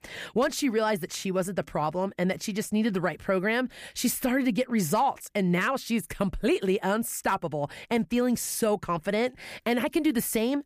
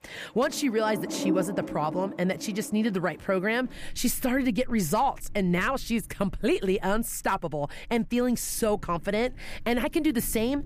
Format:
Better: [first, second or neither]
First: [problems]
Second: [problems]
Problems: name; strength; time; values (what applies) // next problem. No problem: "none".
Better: first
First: none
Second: rain or running water; noticeable; throughout; 10 dB below the speech